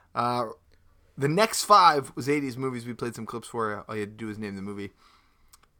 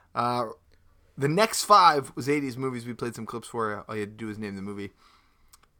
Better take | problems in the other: neither | none

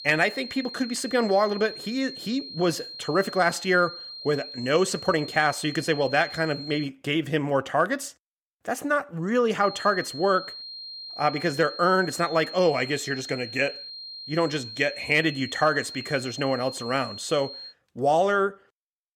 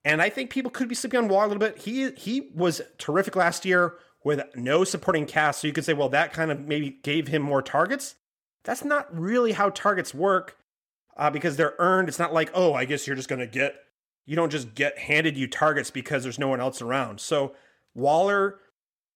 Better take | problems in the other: second | high-pitched whine; noticeable; until 7 s and from 9.5 to 18 s; 4 kHz, 10 dB below the speech

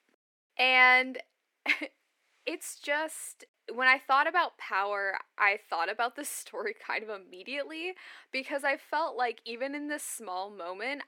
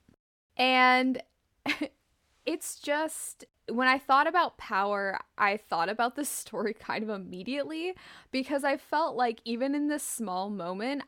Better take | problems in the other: second | thin; somewhat; fading below 350 Hz

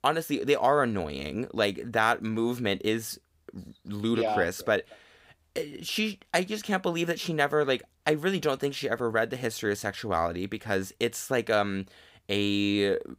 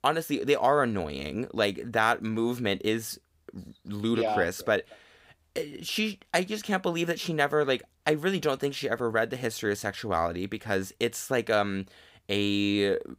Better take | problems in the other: neither | none

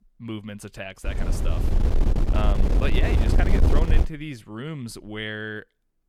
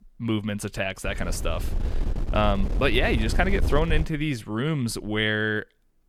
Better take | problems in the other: second | wind noise on the microphone; heavy; from 1 to 4 s; 1 dB below the speech; occasional gusts in the second

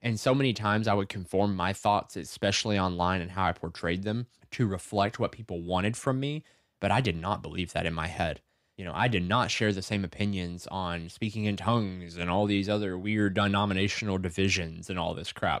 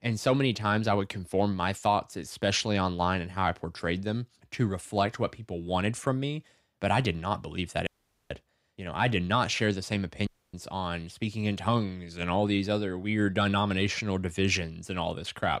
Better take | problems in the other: first | audio cutting out; at 8 s and at 10 s

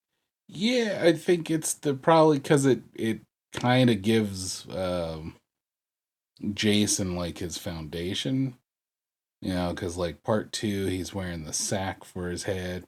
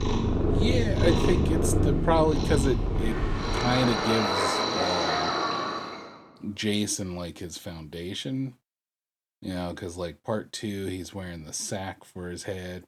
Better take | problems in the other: first | animal sounds; very loud; until 5.5 s; 4 dB above the speech

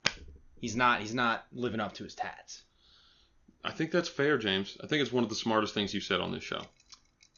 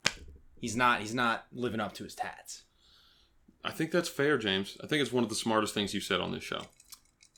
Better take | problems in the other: second | garbled, watery; slightly; nothing above 6.5 kHz

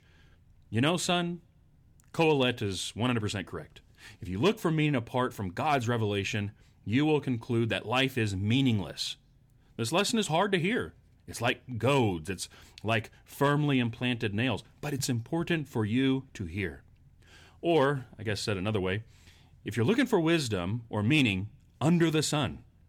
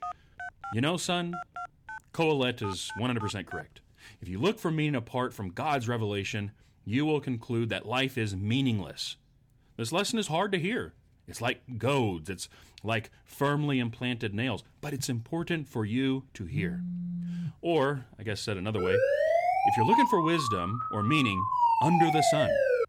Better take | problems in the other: first | phone ringing; noticeable; until 3.5 s and from 17 to 18 s; peak 4 dB below the speech // siren; loud; from 19 s on; peak 6 dB above the speech

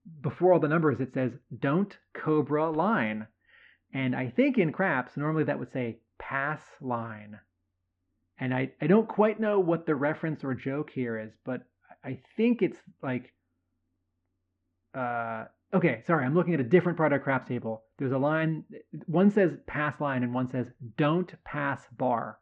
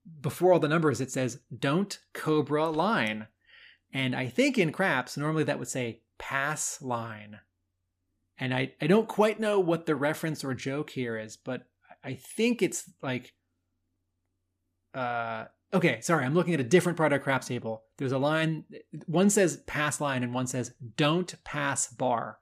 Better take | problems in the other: second | muffled; very; fading above 2 kHz

